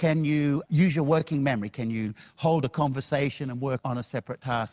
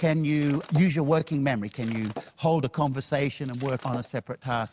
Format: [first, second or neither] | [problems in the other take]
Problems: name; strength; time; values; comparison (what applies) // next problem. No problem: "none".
first | background sound (Shatter); 18 dB below the speech